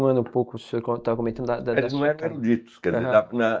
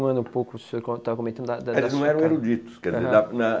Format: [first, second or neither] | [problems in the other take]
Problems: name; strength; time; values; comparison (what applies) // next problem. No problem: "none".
second | noise reduction (neural mask model DeepFilterNet 3)